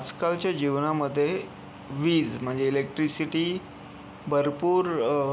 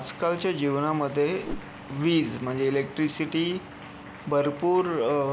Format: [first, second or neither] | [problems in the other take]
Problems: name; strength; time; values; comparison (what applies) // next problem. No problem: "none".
first | background sound (Applause + Whoosh, swoosh, swish); 18 dB below the speech